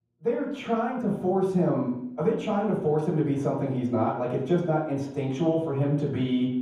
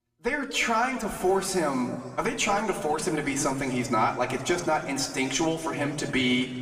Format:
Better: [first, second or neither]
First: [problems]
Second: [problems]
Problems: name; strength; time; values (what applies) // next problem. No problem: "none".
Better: second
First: room echo; strong; dies away in 0.9 s // off-mic speech; far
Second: room echo; slight; dies away in 2.3 s // off-mic speech; somewhat distant